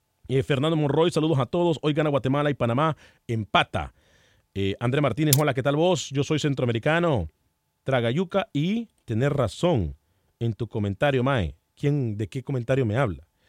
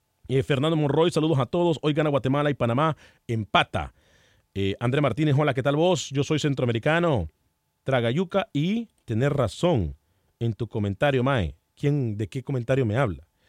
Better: second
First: clattering dishes; very faint; at 5.5 s; peak 1 dB below the speech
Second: none

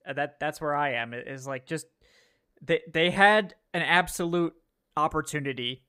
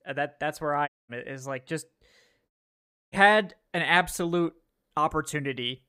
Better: first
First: none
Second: audio cutting out; at 1 s and at 2.5 s for 0.5 s

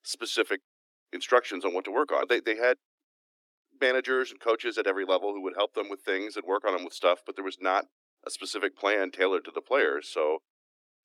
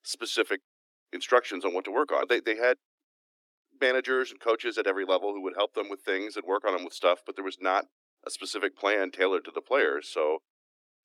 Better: neither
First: thin; somewhat; fading below 300 Hz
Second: thin; somewhat; fading below 300 Hz

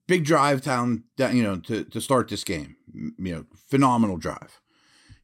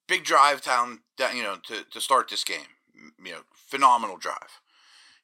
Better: first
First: none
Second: thin; very; fading below 800 Hz

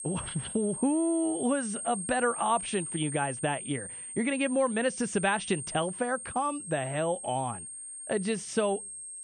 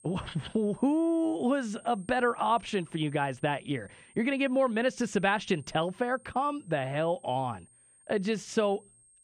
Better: second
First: high-pitched whine; loud; throughout; 8.5 kHz, 7 dB below the speech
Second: high-pitched whine; faint; throughout; 8.5 kHz, 25 dB below the speech

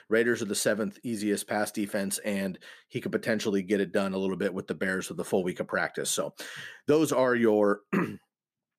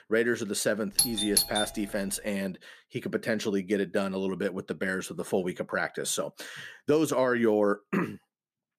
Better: first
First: none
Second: doorbell; loud; at 1 s; peak 4 dB above the speech

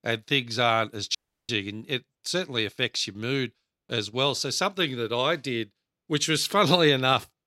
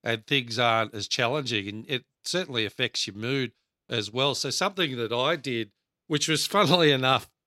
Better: second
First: audio cutting out; at 1 s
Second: none

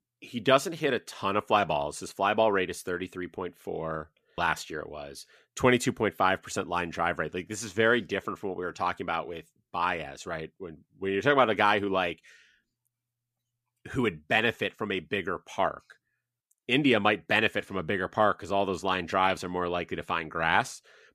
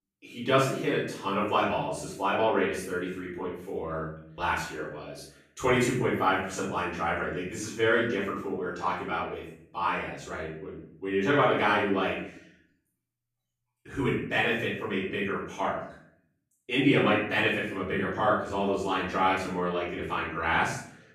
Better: first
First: none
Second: off-mic speech; far // room echo; noticeable; dies away in 0.6 s

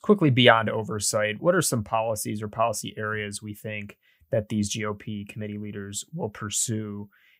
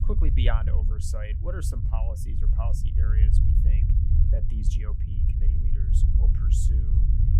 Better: first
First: none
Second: low rumble; loud; throughout; 2 dB below the speech

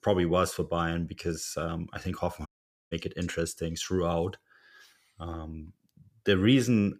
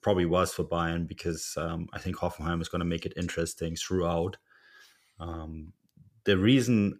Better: second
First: audio cutting out; at 2.5 s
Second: none

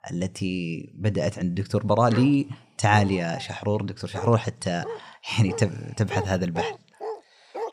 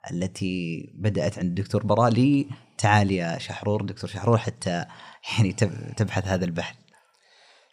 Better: second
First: dog barking; noticeable; from 2 s on; peak 8 dB below the speech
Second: none

